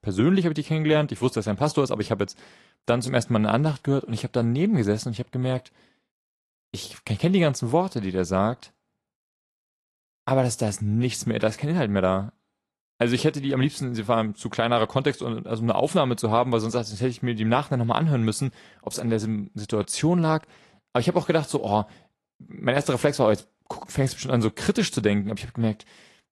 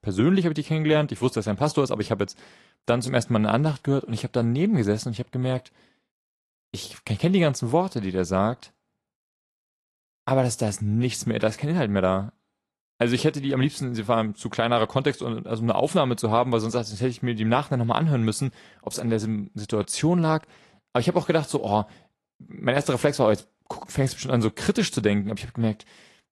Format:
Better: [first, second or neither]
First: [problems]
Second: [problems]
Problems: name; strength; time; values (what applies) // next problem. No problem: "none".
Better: neither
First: garbled, watery; slightly; nothing above 11.5 kHz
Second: garbled, watery; slightly; nothing above 11.5 kHz